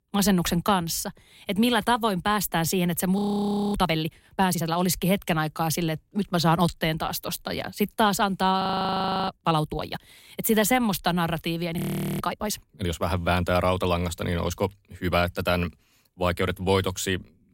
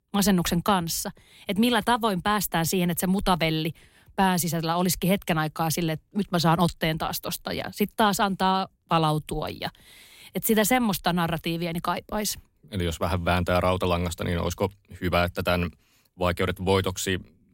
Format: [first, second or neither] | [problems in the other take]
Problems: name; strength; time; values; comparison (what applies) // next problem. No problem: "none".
second | audio freezing; at 3 s for 0.5 s, at 8.5 s for 0.5 s and at 12 s